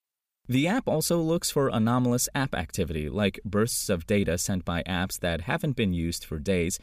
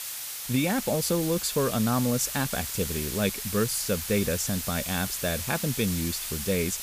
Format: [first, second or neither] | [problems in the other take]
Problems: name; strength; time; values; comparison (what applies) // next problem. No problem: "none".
first | hiss; loud; throughout; 4 dB below the speech